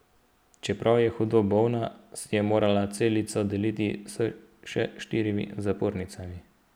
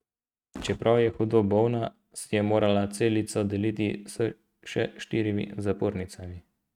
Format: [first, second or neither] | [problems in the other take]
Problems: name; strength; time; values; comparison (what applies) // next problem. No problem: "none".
first | noise reduction (neural mask model RNNoise)